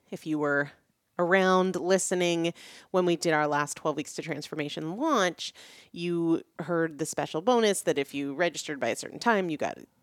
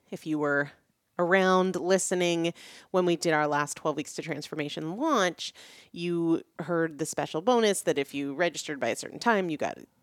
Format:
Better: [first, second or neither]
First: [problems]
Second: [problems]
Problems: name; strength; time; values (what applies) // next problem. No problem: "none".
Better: neither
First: none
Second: none